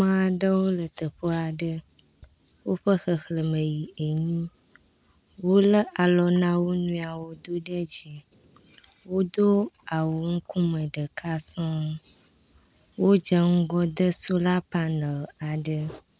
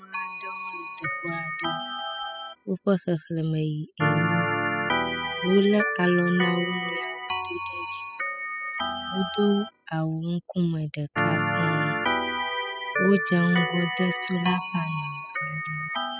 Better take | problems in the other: first | noise reduction (classical method spectral subtraction)

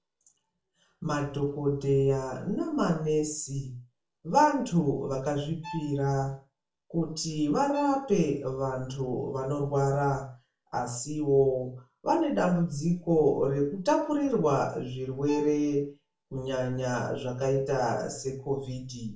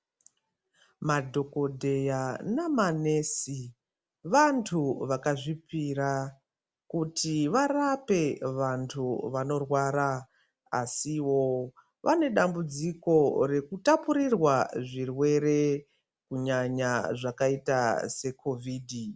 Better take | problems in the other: second | background sound (Bowed string instrument); 19 dB below the speech // room echo; dies away in 0.4 s

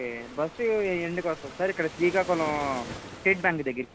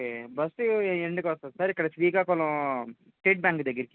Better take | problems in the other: second | background sound (Waves, surf); 14 dB below the speech

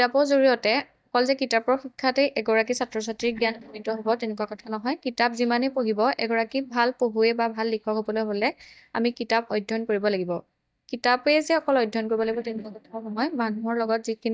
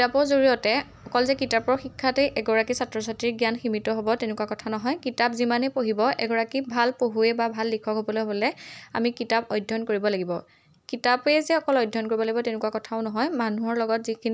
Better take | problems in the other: second | noise reduction (neural mask model DeepFilterNet 3)

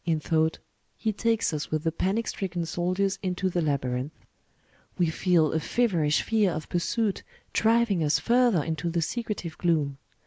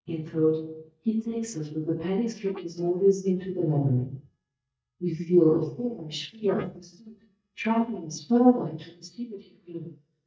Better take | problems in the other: first | noise reduction (neural mask model DeepFilterNet 3)

